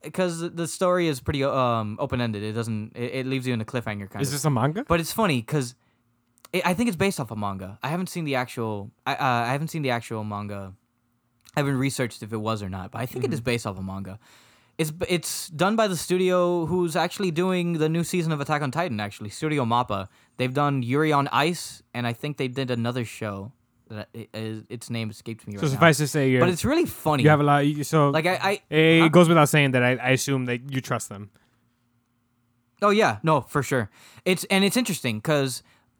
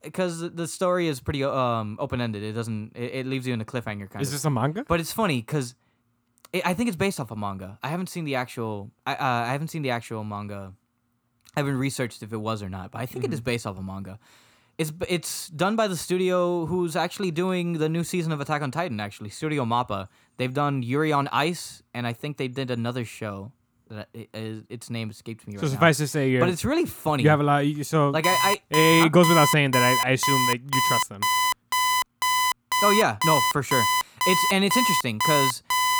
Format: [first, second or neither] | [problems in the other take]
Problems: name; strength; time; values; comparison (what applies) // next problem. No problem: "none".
first | alarm; loud; from 28 s on; peak 4 dB above the speech